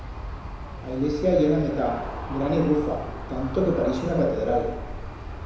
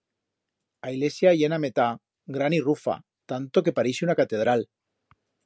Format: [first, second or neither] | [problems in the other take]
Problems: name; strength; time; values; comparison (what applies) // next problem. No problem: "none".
second | background sound (Aircraft); 9 dB below the speech // room echo; dies away in 1 s